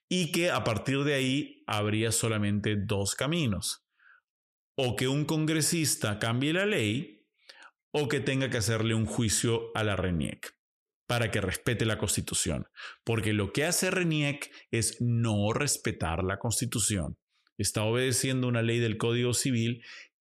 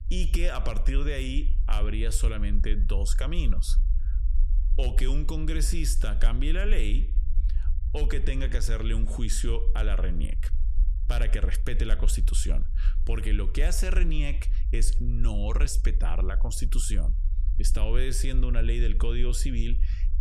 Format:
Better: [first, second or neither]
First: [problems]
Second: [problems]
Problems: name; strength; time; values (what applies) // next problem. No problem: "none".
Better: first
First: none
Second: low rumble; noticeable; throughout; 15 dB below the speech